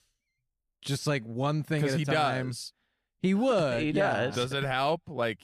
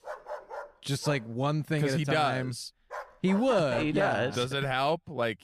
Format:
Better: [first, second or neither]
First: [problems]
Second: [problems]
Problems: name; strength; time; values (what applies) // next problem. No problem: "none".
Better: first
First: none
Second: dog barking; noticeable; until 4 s; peak 8 dB below the speech